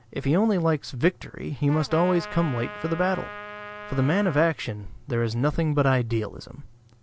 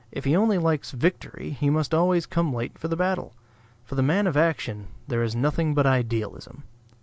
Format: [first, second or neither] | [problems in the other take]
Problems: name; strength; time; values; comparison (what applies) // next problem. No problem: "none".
second | background sound (Trumpet); 13 dB below the speech